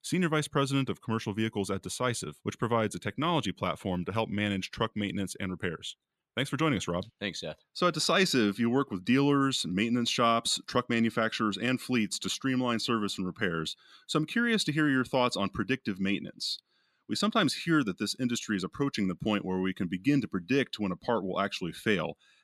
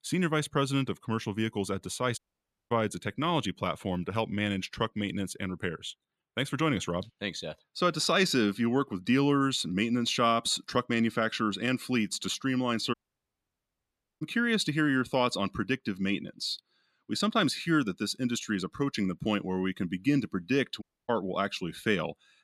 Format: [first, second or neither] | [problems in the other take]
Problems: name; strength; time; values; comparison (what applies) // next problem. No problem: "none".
first | audio cutting out; at 2 s for 0.5 s, at 13 s for 1.5 s and at 21 s